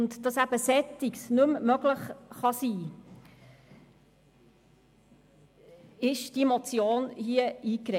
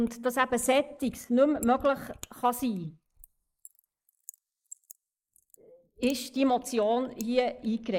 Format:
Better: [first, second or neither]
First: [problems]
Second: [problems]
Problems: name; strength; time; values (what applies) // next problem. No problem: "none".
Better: first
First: none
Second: noise reduction (neural mask model Resemble Enhance denoiser)